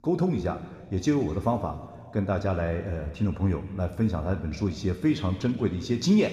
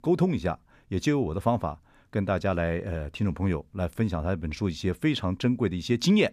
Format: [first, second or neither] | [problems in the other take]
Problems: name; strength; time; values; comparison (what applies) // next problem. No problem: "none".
second | room echo; noticeable; dies away in 1.7 s